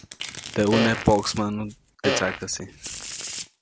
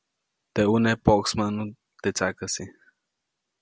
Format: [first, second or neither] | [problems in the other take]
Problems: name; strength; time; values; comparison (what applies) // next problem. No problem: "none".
second | background sound (Fart + Domestic sounds, home sounds); 6 dB below the speech